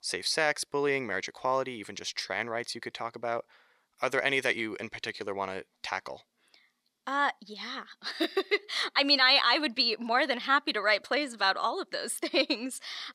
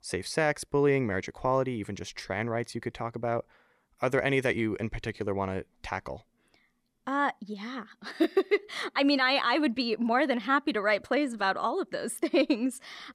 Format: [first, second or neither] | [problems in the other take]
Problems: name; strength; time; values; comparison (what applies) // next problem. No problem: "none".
second | thin; somewhat; fading below 800 Hz